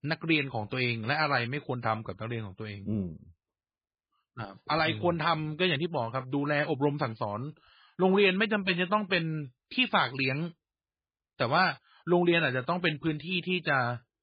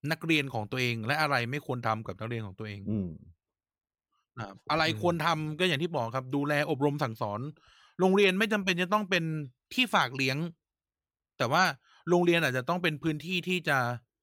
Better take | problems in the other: second | garbled, watery; badly; nothing above 4.5 kHz

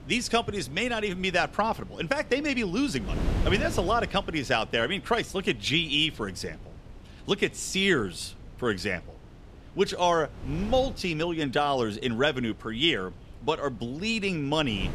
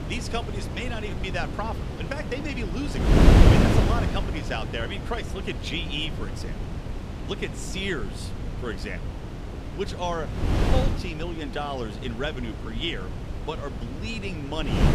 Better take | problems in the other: first | wind noise on the microphone; heavy; 1 dB below the speech; occasional gusts in the first

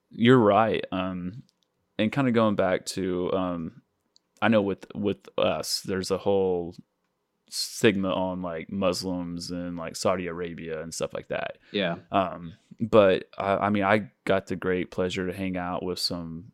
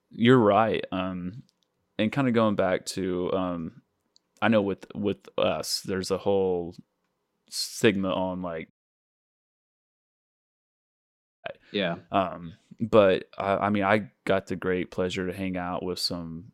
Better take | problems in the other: first | audio cutting out; at 8.5 s for 2.5 s

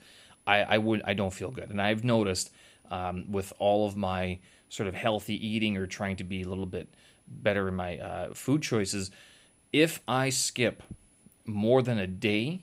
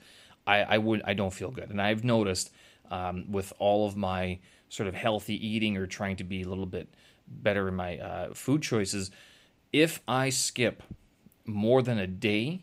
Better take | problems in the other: second | high-pitched whine; faint; throughout; 10 kHz, 35 dB below the speech

